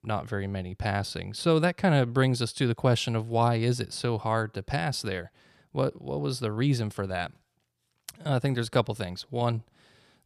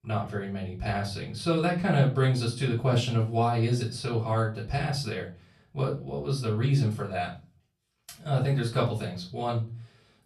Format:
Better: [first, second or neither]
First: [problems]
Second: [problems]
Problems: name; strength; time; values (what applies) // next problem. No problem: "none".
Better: first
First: none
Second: off-mic speech; far // room echo; slight; dies away in 0.3 s